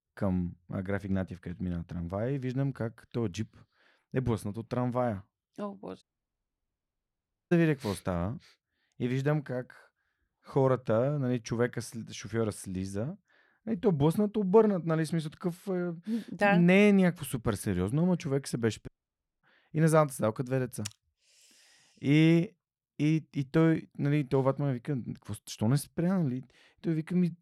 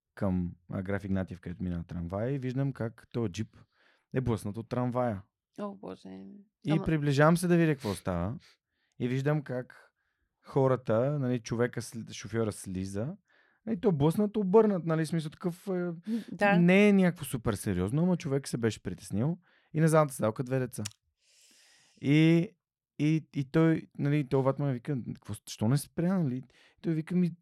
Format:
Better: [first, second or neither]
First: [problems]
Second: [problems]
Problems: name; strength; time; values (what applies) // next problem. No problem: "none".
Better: second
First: audio cutting out; at 6 s for 1.5 s and at 19 s for 0.5 s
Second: none